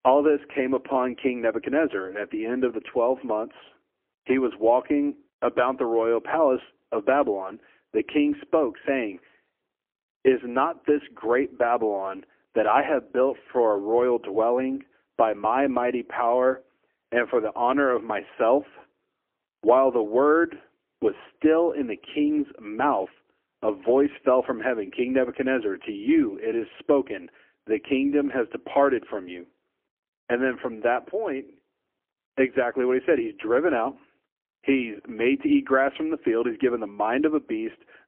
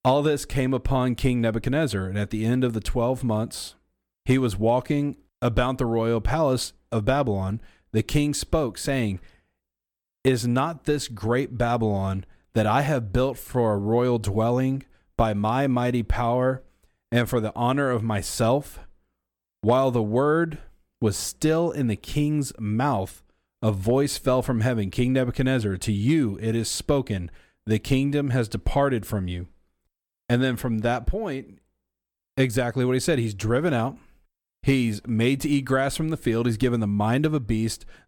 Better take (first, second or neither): second